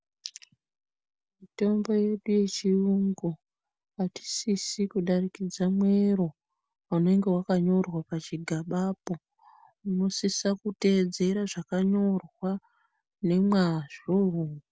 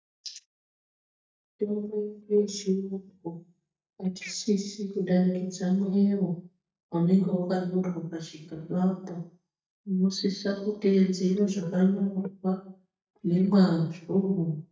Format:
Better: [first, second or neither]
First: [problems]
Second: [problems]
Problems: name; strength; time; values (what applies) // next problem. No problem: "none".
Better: first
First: none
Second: noise reduction (neural mask model DeepFilterNet 3)